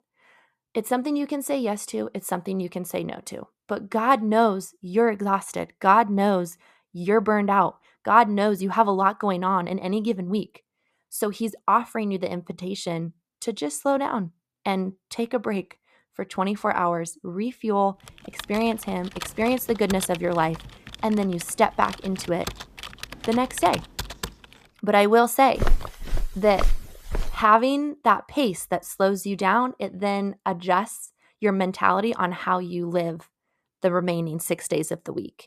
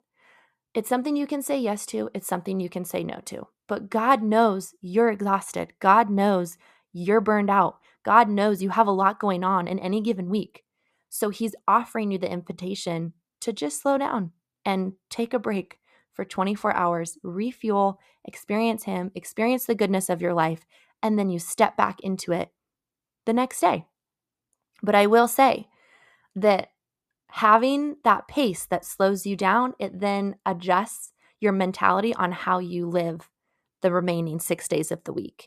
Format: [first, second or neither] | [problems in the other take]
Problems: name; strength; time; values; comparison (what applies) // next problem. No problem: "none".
second | keyboard typing; noticeable; from 18 to 24 s; peak 9 dB below the speech // footsteps; noticeable; from 26 to 27 s; peak 4 dB below the speech